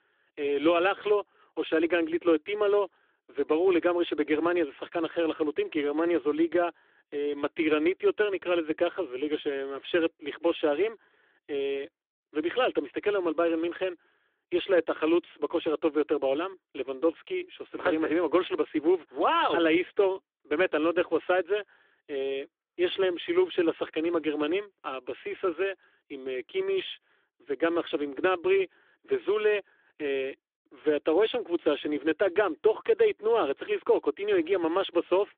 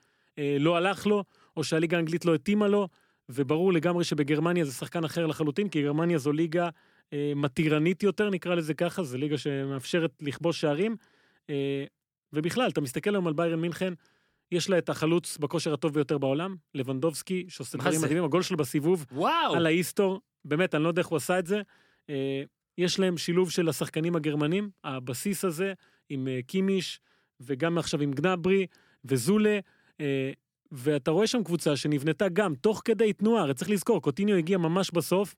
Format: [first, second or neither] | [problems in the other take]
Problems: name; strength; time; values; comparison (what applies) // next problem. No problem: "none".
second | phone-call audio; nothing above 3.5 kHz